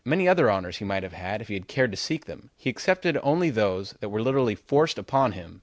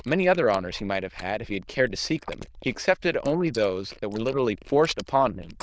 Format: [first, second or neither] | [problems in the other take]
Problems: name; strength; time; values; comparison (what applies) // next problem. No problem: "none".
first | noise reduction (neural diffusion model UNIVERSE++)